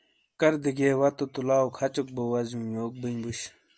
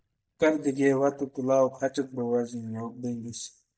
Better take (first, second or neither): first